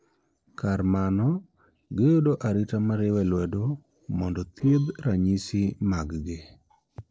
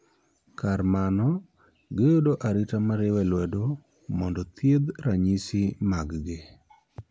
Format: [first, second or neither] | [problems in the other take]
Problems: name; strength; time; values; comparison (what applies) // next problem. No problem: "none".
second | noise reduction (neural separator model SepFormer DNS4)